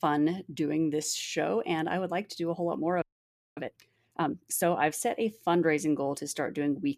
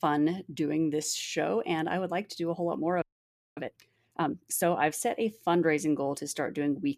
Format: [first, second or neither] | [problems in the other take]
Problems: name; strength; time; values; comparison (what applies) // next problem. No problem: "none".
neither | audio freezing; at 3 s for 0.5 s; the same in both